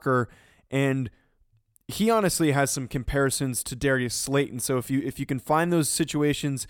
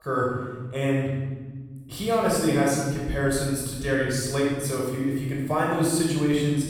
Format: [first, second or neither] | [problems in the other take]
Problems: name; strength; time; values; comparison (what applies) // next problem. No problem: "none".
first | off-mic speech; far // room echo; strong; dies away in 1.3 s